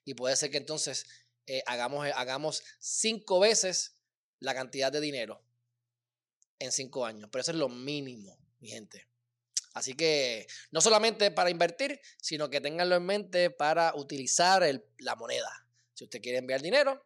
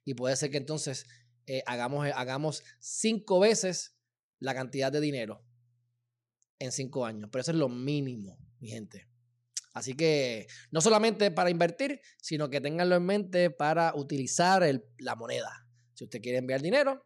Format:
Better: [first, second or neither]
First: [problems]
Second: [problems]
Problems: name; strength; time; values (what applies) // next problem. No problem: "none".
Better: second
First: thin; somewhat; fading below 950 Hz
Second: none